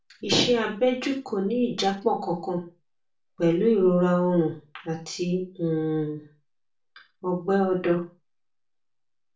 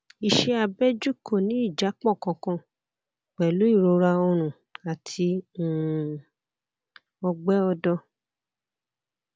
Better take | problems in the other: second | room echo; dies away in 0.3 s

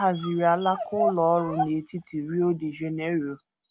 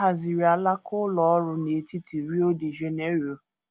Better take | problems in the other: second | background sound (Dog); 8 dB below the speech

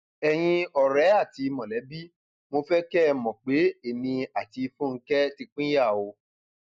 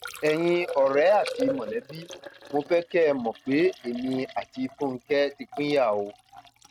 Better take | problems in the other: first | noise reduction (neural mask model RNNoise)

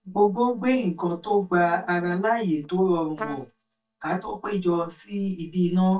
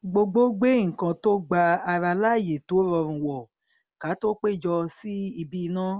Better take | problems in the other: second | noise reduction (neural mask model DeepFilterNet 3)

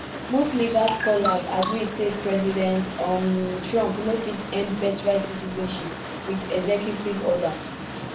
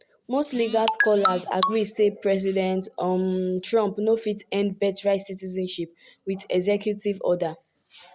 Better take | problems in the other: second | background sound (Boat, Water vehicle); 9 dB below the speech // room echo; dies away in 0.3 s

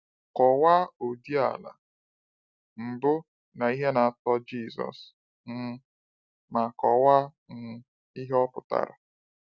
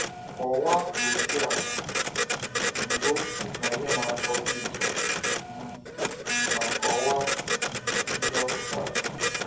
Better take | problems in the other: first | background sound (Printer); 4 dB above the speech // room echo; dies away in 0.6 s

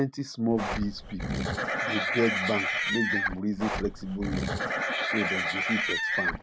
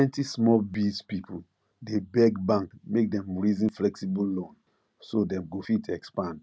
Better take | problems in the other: second | background sound (Livestock, farm animals, working animals); 2 dB above the speech

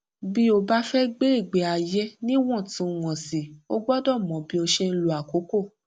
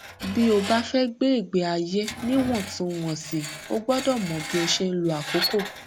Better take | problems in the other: first | background sound (Screech); 10 dB below the speech

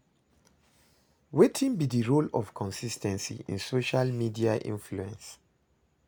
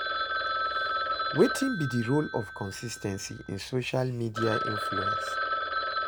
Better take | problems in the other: first | background sound (Telephone); 1 dB below the speech

